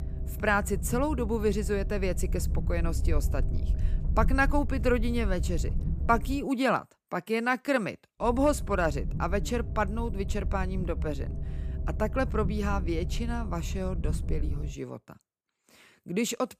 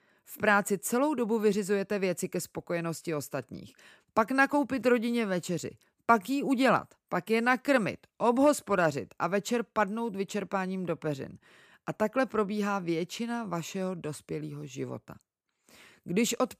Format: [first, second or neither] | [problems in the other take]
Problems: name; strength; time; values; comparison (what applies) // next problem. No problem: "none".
second | low rumble; noticeable; until 6.5 s and from 8.5 to 15 s; 15 dB below the speech